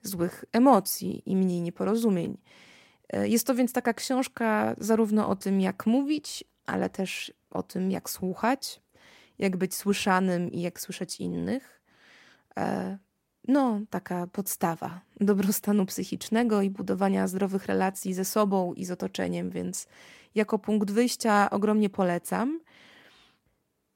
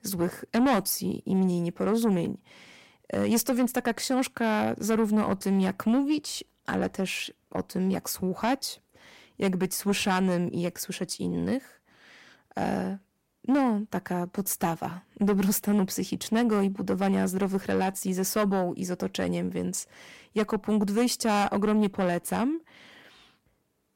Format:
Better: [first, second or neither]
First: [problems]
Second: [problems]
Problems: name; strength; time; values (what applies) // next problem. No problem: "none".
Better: first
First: none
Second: distortion; slight; 10 dB below the speech